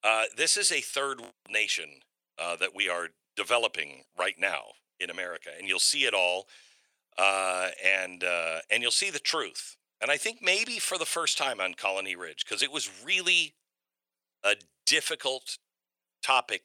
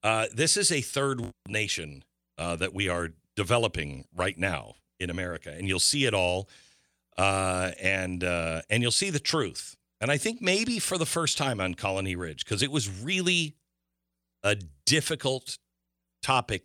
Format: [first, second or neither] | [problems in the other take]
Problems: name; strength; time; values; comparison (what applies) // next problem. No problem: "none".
second | thin; very; fading below 600 Hz